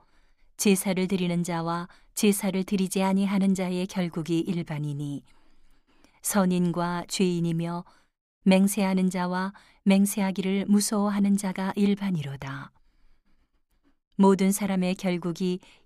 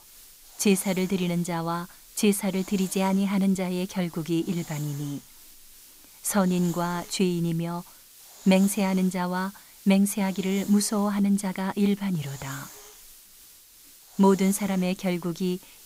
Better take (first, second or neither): first